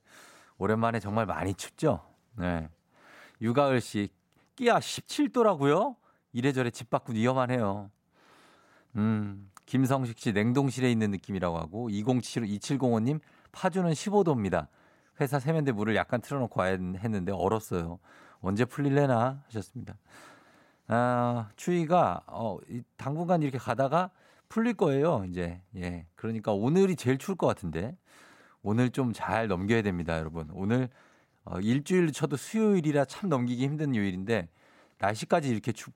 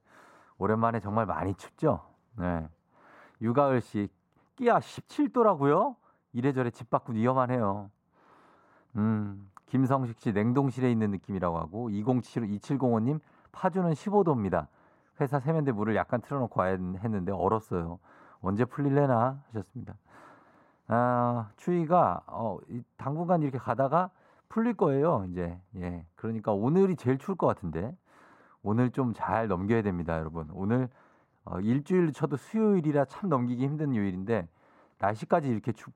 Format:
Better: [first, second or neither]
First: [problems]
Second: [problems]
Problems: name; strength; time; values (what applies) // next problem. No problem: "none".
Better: first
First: none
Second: muffled; slightly; fading above 2 kHz